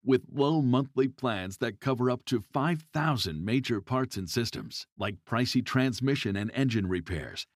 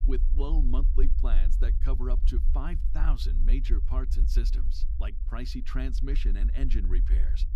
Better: first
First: none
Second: low rumble; loud; throughout; 10 dB below the speech

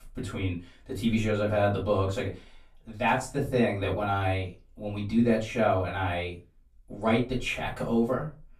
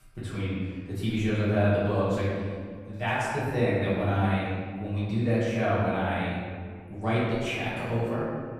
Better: first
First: room echo; slight; dies away in 0.2 s // off-mic speech; far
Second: room echo; strong; dies away in 1.8 s // off-mic speech; far

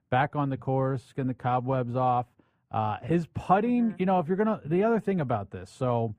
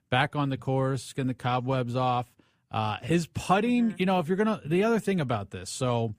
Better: second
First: muffled; very; fading above 2.5 kHz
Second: none

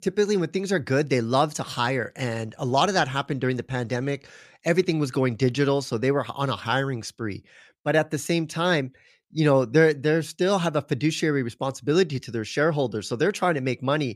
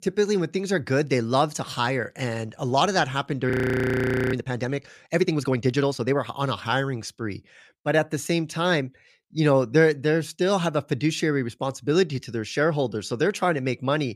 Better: first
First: none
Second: audio freezing; at 3.5 s for 1 s

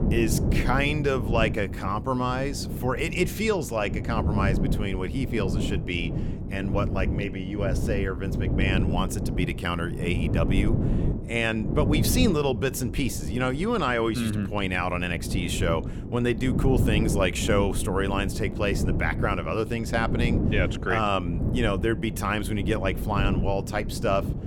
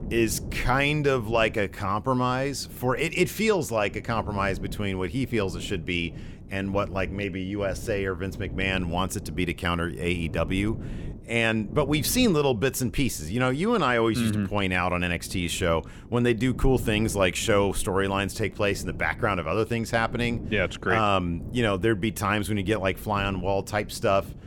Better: second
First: wind noise on the microphone; heavy; 9 dB below the speech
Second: wind noise on the microphone; occasional gusts; 20 dB below the speech

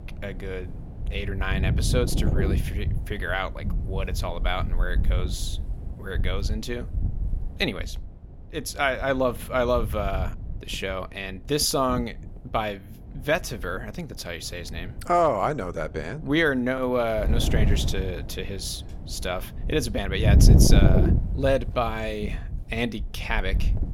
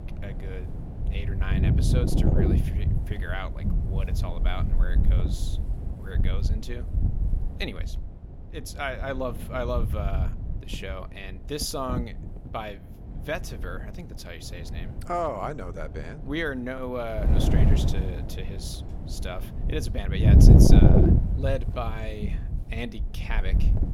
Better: first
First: wind noise on the microphone; occasional gusts; 10 dB below the speech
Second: wind noise on the microphone; heavy; as loud as the speech

